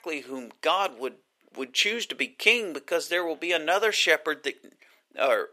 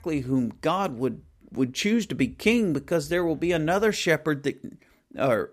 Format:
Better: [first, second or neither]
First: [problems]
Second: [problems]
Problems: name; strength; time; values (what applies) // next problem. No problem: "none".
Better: second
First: thin; very; fading below 450 Hz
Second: none